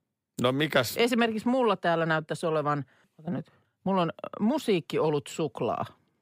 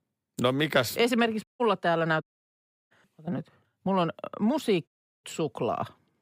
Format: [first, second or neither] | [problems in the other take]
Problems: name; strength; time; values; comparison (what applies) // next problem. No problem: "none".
first | audio cutting out; at 1.5 s, at 2 s for 0.5 s and at 5 s